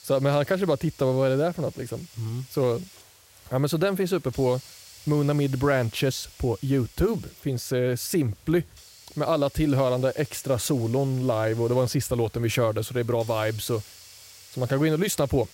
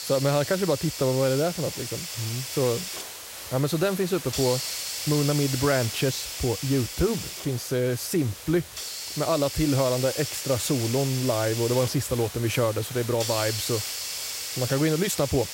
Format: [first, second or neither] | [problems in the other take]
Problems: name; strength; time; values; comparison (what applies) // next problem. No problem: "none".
first | hiss; loud; throughout; 6 dB below the speech; faint in the first